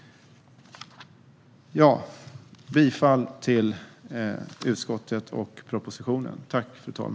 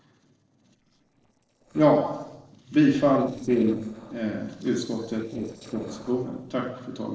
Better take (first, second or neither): first